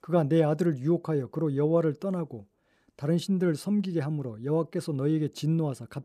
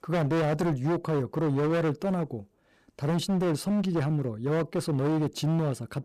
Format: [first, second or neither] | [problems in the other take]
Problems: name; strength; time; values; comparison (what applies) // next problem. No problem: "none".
first | distortion; heavy; 28% of the sound clipped